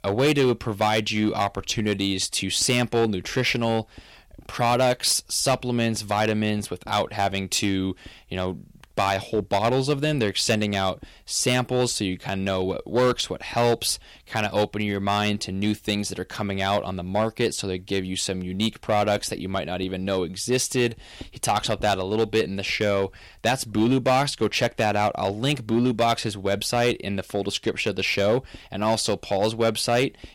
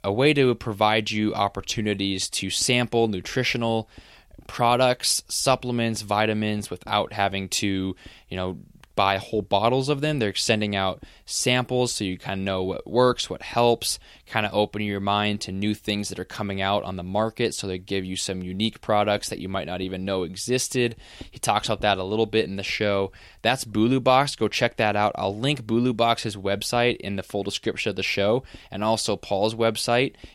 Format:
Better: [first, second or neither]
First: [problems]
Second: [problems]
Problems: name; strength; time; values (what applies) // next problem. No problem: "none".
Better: second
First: distortion; slight; 4% of the sound clipped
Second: none